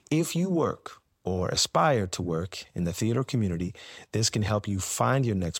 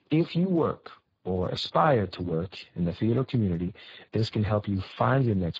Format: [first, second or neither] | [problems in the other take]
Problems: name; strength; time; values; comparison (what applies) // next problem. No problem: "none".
first | garbled, watery; badly